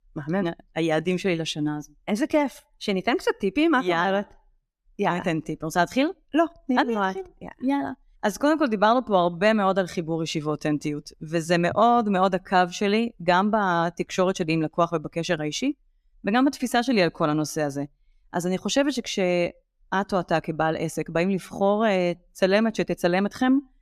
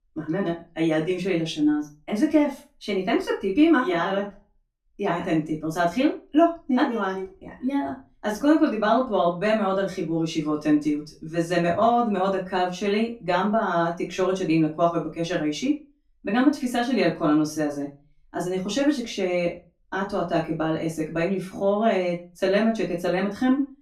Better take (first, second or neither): first